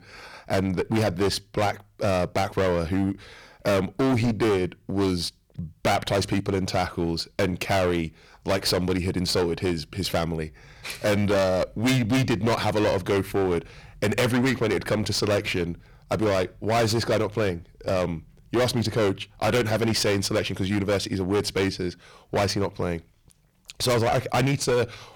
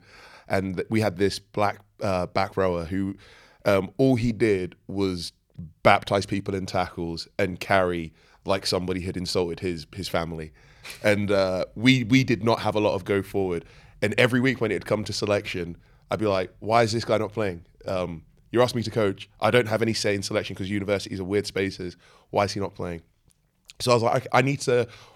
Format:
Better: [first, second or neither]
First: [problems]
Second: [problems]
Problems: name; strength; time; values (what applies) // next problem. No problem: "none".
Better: second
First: distortion; heavy; 18% of the sound clipped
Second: none